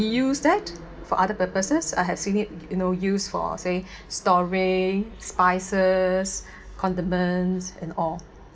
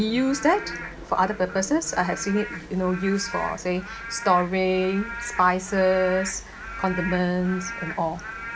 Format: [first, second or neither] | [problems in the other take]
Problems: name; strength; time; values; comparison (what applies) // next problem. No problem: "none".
first | background sound (Rain / Frog); 12 dB below the speech